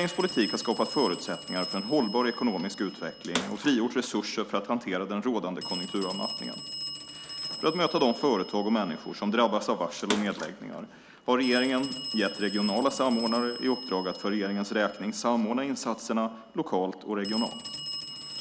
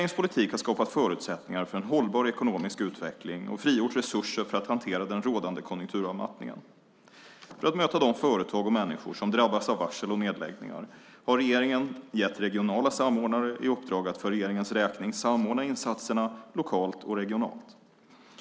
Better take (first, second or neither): second